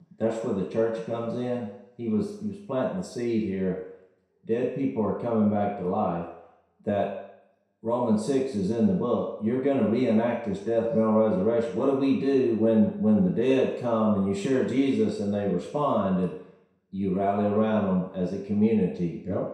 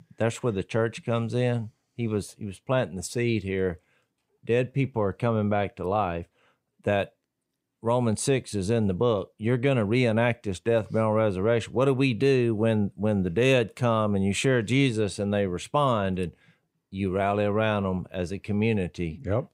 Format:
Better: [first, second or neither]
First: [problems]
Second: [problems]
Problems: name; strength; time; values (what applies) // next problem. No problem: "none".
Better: second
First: room echo; noticeable; dies away in 0.7 s // off-mic speech; far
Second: none